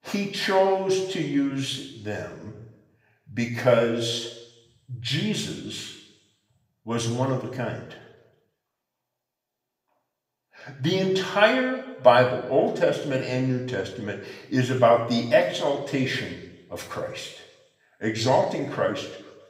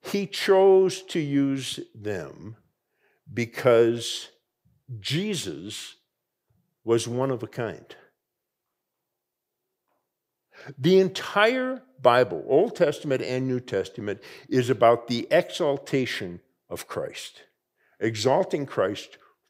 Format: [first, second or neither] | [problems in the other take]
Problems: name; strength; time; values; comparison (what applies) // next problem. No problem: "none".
second | room echo; slight; dies away in 0.8 s // off-mic speech; somewhat distant